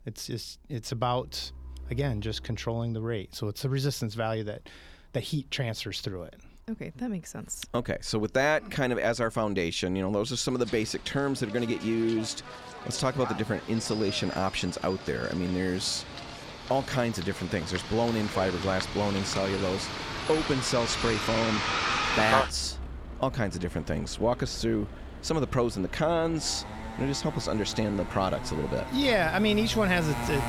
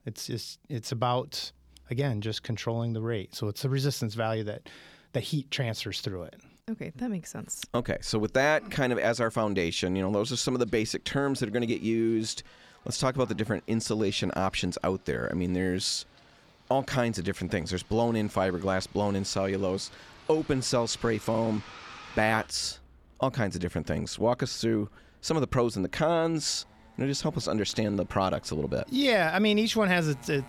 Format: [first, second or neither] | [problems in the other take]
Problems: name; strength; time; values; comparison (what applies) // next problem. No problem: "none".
second | traffic noise; loud; throughout; 6 dB below the speech; faint in the second